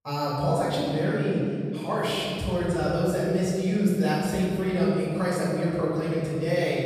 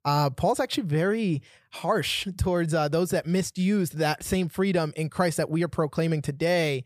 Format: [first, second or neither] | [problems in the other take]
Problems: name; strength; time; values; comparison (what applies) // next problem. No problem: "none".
second | off-mic speech; far // room echo; strong; dies away in 2.1 s